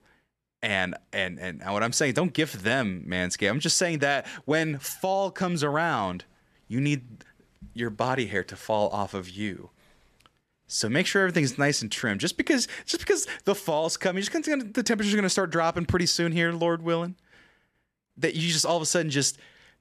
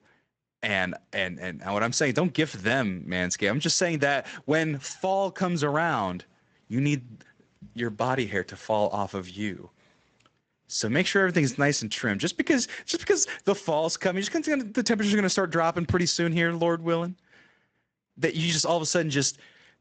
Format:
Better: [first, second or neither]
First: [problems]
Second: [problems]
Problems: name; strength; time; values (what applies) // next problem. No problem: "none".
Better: first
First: none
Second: garbled, watery; slightly; nothing above 7.5 kHz